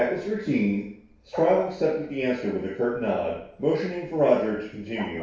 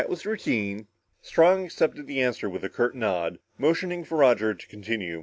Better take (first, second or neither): second